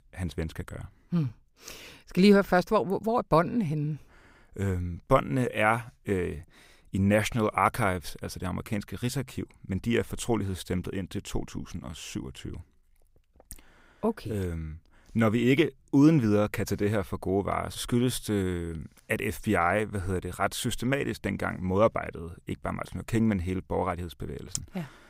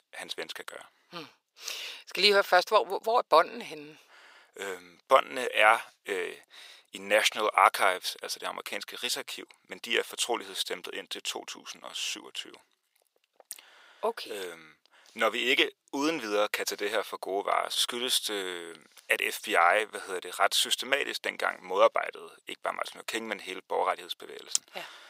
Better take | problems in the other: first | thin; very; fading below 550 Hz

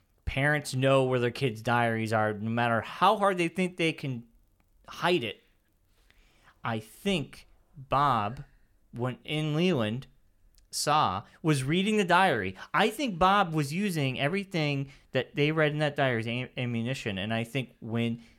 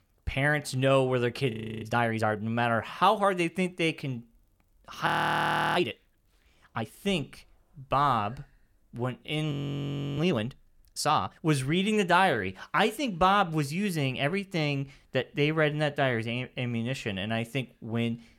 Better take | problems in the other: first | audio freezing; at 1.5 s, at 5 s for 0.5 s and at 9.5 s for 0.5 s

